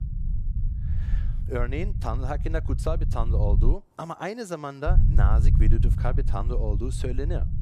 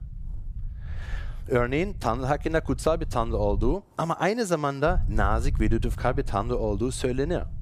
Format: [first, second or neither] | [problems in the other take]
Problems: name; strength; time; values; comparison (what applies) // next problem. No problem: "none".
second | low rumble; loud; until 3.5 s and from 5 s on; 9 dB below the speech; faint in the second